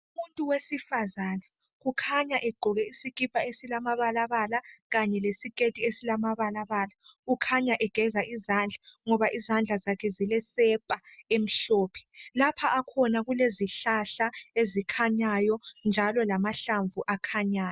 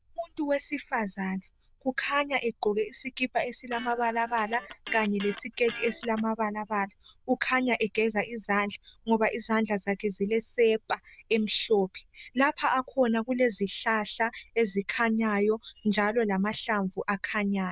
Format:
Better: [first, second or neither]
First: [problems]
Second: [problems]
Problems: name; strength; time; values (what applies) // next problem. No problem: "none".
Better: first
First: none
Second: noise reduction (neural diffusion model UNIVERSE++)